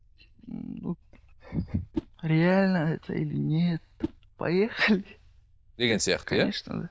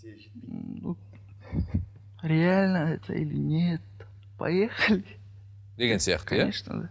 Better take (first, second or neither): second